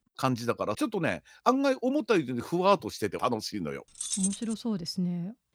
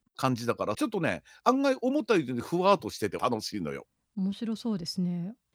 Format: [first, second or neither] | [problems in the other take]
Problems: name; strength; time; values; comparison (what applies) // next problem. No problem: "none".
second | jangling keys; noticeable; at 4 s; peak 1 dB below the speech